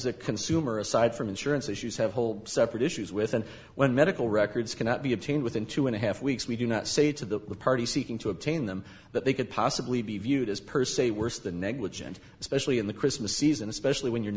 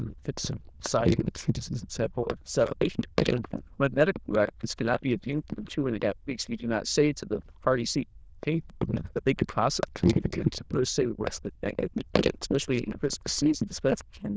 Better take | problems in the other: first | noise reduction (neural diffusion model UNIVERSE++)

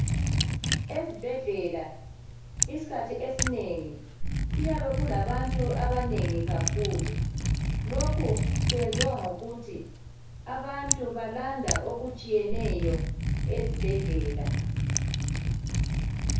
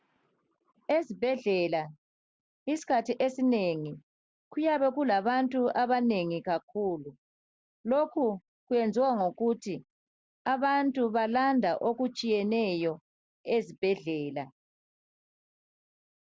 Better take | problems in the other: second | background sound (Liquid); 5 dB above the speech // room echo; dies away in 0.6 s

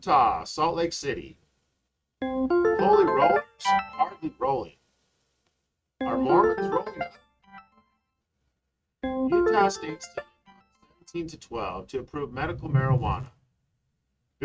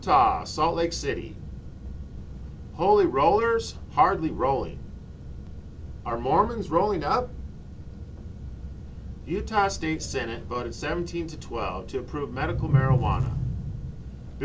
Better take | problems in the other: second | noise reduction (neural mask model RNNoise)

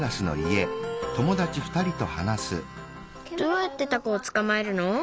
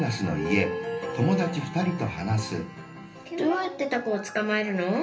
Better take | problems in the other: first | background sound (Wind instrument, woodwind instrument); 19 dB below the speech // room echo; dies away in 0.3 s

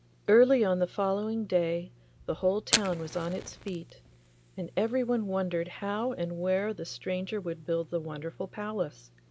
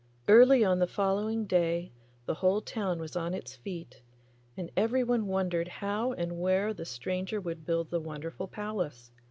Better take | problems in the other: second | background sound (Fire); 13 dB below the speech

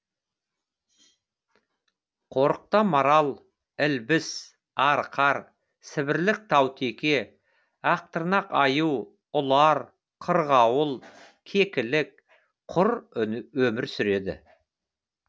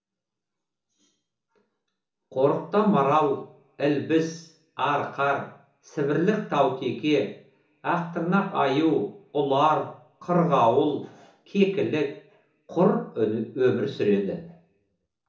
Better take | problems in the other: first | room echo; dies away in 0.8 s

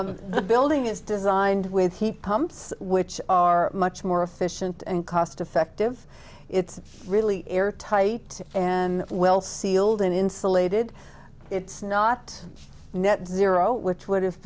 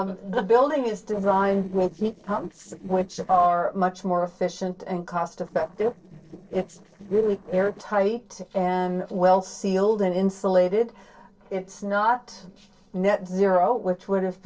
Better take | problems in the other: first | noise reduction (neural separator model SepFormer DNS4)

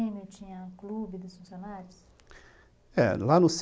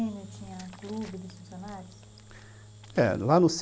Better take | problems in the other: first | background sound (Engine / Drill); 19 dB below the speech

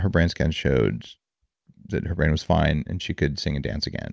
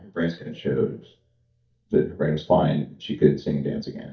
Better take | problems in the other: first | noise reduction (neural mask model DeepFilterNet 3)

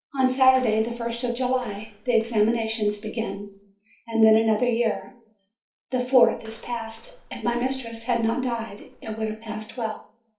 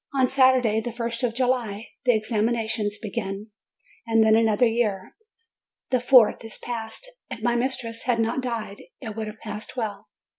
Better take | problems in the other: second | noise reduction (neural separator model SepFormer DNS4)

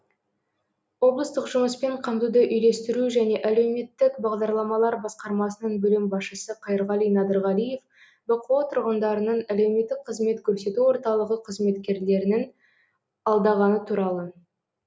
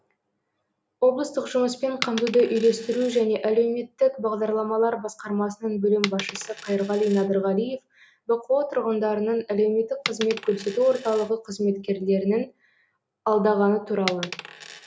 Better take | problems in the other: first | background sound (Coin (dropping)); 16 dB below the speech

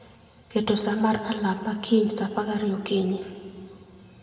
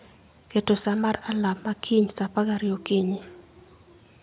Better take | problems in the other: second | room echo; dies away in 2 s

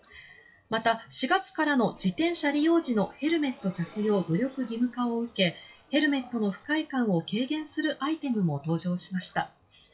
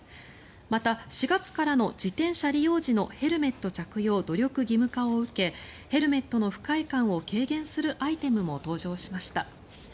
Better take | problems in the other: second | noise reduction (classical method WPE with log-MMSE)

